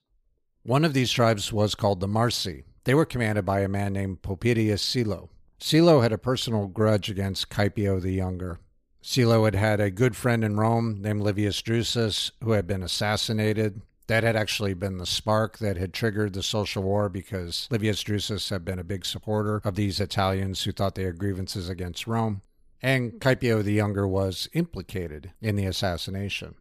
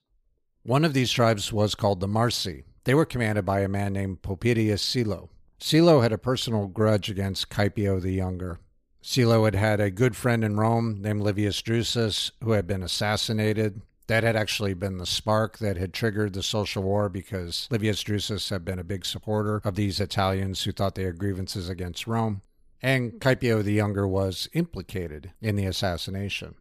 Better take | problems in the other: neither | none

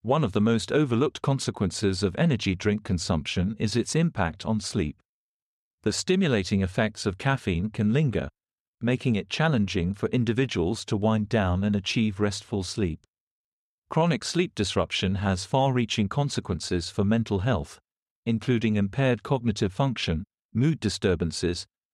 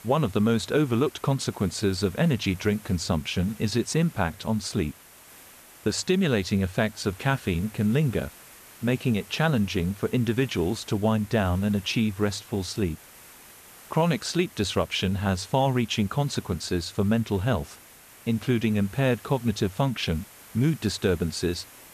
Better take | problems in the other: first | hiss; faint; throughout; 20 dB below the speech

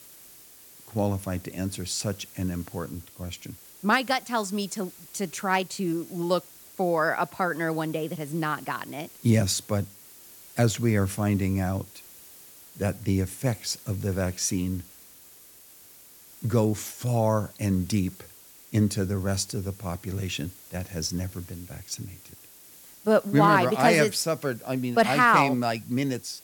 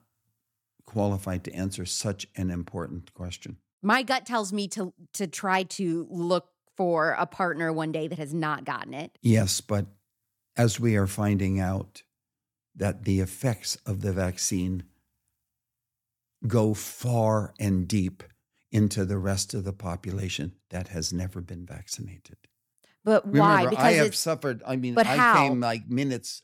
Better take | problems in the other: second | hiss; noticeable; throughout; 20 dB below the speech

